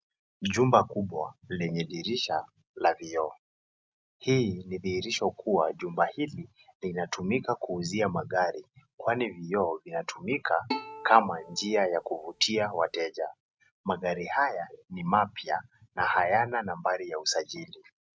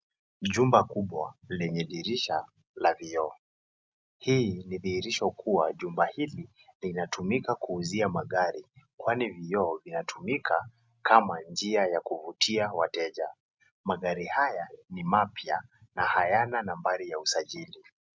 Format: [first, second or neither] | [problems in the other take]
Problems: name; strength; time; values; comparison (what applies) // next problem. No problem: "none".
second | background sound (Bowed string instrument); 12 dB below the speech